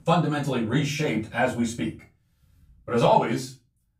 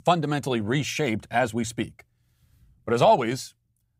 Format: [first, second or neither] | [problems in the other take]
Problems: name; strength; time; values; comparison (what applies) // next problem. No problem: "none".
second | off-mic speech; far // room echo; slight; dies away in 0.3 s